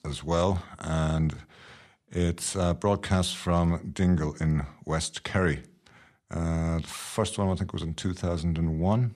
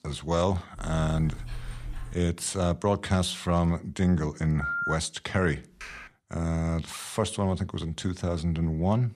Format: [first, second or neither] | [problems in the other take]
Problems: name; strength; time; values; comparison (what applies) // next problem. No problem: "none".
first | dog barking; faint; from 1 to 2 s; peak 10 dB below the speech // phone ringing; noticeable; at 4.5 s; peak 1 dB below the speech // keyboard typing; faint; at 6 s; peak 15 dB below the speech